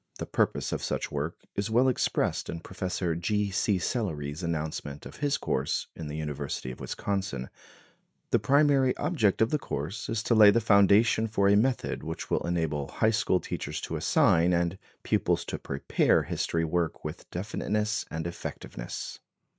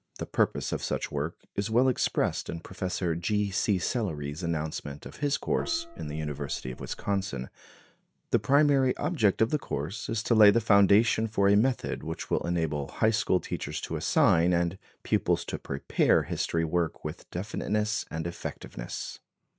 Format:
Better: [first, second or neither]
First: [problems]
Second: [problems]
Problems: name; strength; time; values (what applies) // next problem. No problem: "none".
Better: first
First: none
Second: background sound (Gong); 14 dB below the speech